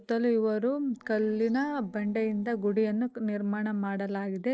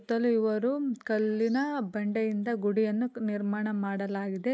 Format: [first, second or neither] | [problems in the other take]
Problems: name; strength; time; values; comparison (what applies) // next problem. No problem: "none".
second | noise reduction (neural separator model SepFormer DNS4)